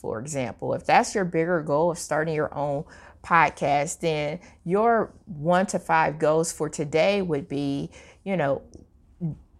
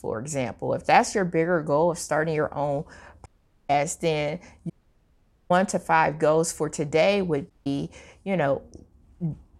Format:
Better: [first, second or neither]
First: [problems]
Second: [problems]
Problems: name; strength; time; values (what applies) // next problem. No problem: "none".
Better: first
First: none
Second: audio cutting out; at 3.5 s, at 4.5 s for 1 s and at 7.5 s